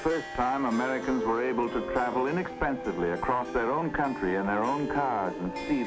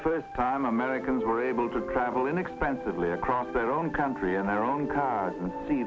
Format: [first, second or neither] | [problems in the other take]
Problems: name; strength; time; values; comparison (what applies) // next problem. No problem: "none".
second | background sound (Harp); 17 dB below the speech